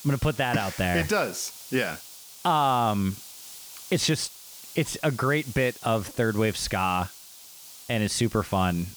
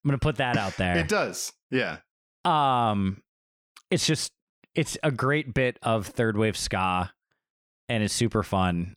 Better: second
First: hiss; noticeable; throughout; 15 dB below the speech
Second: none

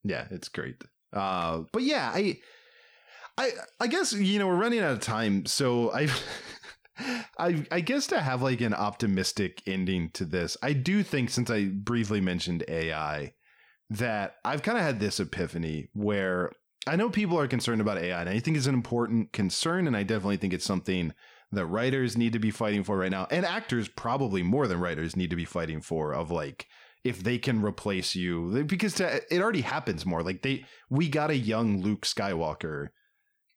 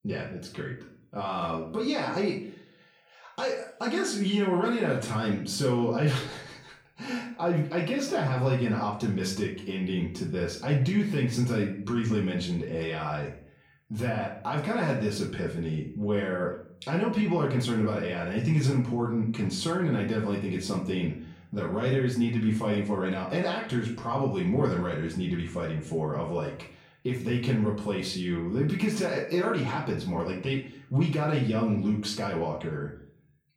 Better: first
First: none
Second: room echo; slight; dies away in 0.5 s // off-mic speech; far

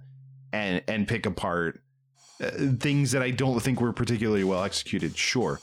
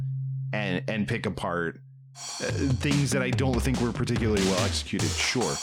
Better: first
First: background music; faint; throughout; 25 dB below the speech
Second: background music; loud; throughout; 4 dB below the speech

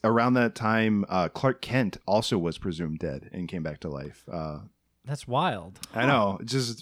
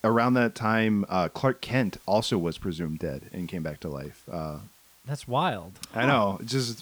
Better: first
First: none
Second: hiss; faint; throughout; 25 dB below the speech

